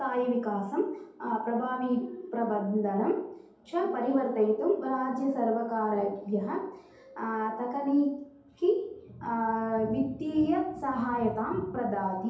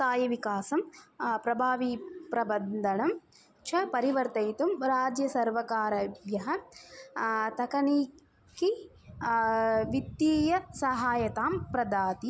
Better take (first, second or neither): second